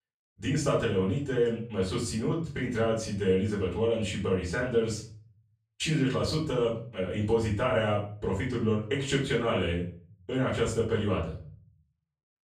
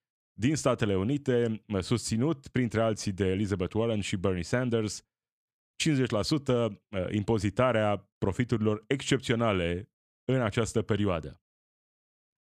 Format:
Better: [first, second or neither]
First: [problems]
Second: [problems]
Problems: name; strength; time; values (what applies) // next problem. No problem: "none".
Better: second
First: off-mic speech; far // room echo; slight; dies away in 0.4 s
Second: none